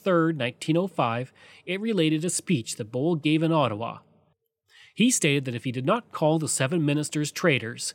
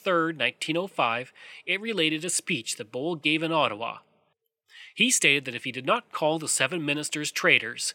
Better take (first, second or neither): first